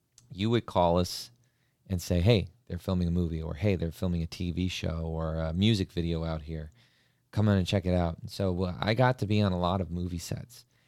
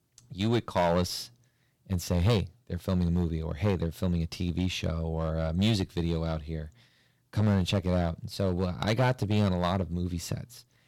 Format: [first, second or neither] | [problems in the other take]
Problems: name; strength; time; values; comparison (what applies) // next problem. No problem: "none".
first | distortion; slight; 4% of the sound clipped